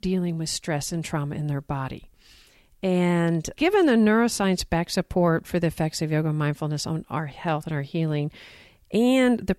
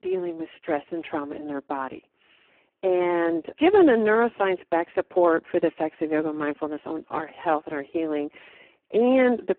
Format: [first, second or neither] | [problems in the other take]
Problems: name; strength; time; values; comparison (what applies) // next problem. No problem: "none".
first | phone-call audio; poor line